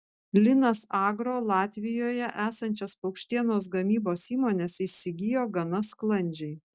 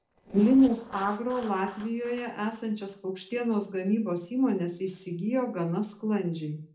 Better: first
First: none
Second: noise reduction (neural separator model SepFormer DNS4)

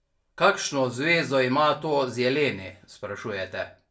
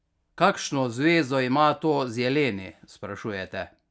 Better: second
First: room echo; dies away in 0.2 s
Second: none

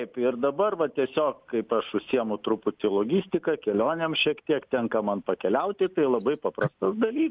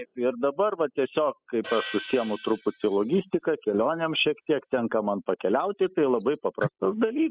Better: first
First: none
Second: noise reduction (classical method spectral subtraction)

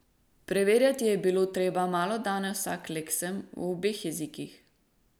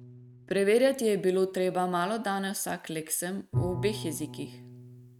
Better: first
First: none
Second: noise reduction (neural mask model RNNoise)

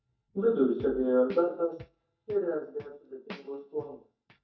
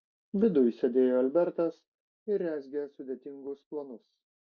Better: second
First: noise reduction (neural mask model DeepFilterNet 3)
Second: none

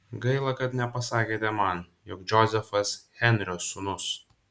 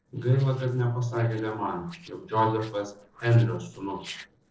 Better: first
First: none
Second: noise reduction (neural separator model SepFormer DNS4)

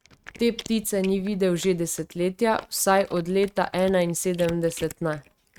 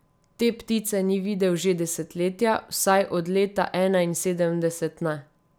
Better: second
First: noise reduction (neural mask model RNNoise)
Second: none

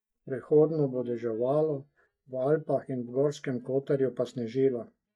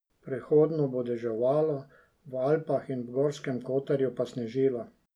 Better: second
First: noise reduction (neural mask model DeepFilterNet 3)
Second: none

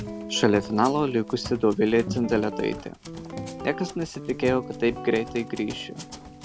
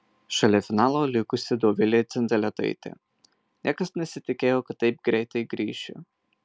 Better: second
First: background sound (Run + Guitar); 11 dB below the speech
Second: none

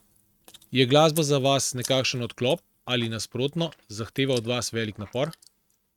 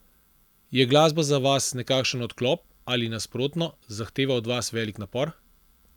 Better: second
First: noise reduction (neural mask model RNNoise)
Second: none

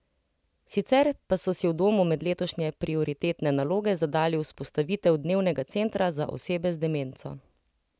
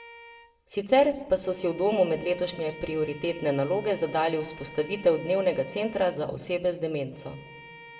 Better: first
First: none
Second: background sound (Bowed string instrument); 20 dB below the speech // room echo; dies away in 1.2 s

